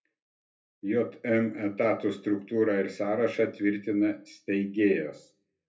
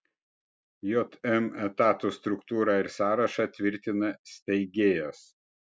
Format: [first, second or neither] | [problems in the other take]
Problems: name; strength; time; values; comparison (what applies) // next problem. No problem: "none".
second | room echo; dies away in 0.3 s